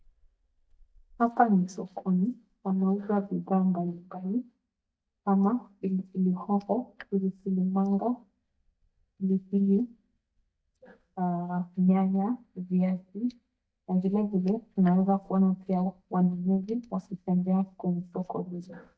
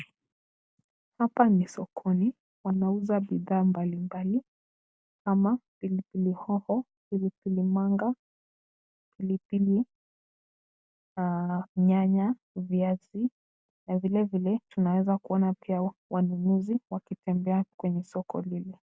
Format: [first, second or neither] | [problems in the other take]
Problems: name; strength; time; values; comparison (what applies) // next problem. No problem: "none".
second | noise reduction (neural mask model DeepFilterNet 3)